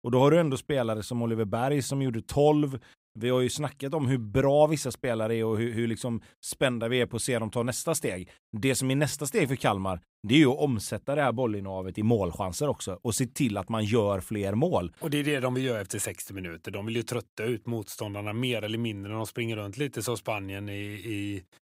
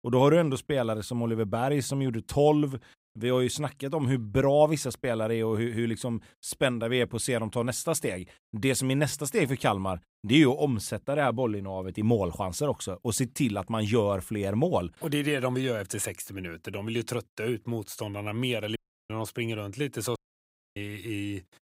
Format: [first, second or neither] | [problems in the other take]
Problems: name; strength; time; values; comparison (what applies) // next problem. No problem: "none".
first | audio cutting out; at 19 s and at 20 s for 0.5 s